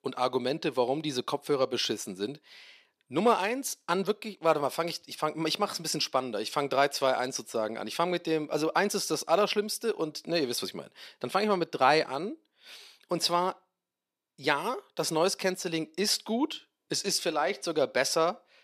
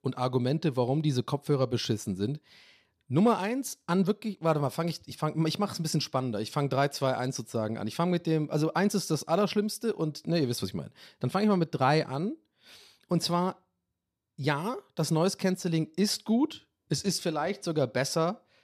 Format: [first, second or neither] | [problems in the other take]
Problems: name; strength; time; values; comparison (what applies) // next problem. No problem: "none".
second | thin; somewhat; fading below 400 Hz